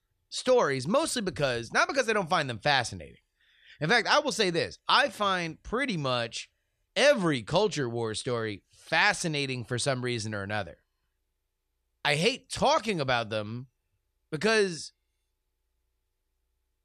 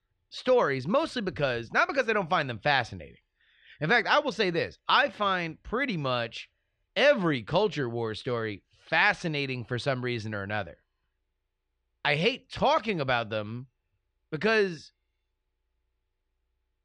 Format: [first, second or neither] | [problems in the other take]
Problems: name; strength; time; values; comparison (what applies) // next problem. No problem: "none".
first | muffled; very slightly; fading above 3 kHz